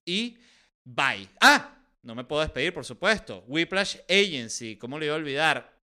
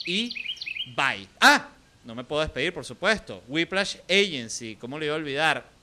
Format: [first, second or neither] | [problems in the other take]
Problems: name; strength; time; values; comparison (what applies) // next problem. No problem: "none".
first | animal sounds; loud; throughout; 7 dB below the speech